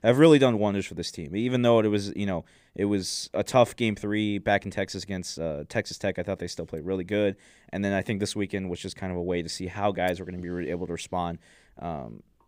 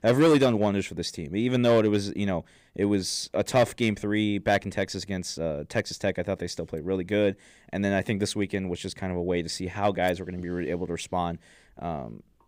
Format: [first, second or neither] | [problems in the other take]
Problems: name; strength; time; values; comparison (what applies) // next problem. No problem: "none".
first | distortion; slight; 1.8% of the sound clipped